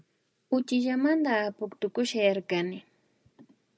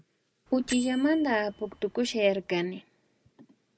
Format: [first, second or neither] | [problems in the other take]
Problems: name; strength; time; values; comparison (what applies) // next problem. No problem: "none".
first | background sound (Bell); 15 dB below the speech